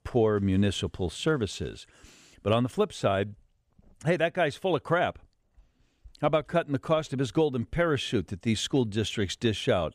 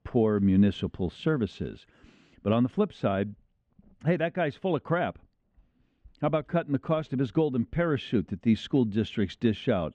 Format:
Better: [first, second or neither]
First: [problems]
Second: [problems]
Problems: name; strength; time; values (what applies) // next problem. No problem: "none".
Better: first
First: none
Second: muffled; slightly; fading above 3 kHz